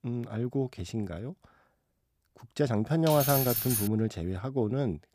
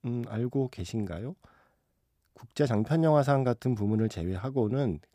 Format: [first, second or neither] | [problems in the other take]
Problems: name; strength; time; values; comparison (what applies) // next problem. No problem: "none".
second | jangling keys; loud; at 3 s; peak 2 dB above the speech